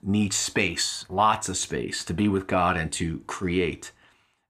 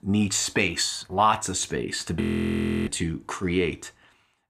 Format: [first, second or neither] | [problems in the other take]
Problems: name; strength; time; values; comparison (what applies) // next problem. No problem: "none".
first | audio freezing; at 2 s for 0.5 s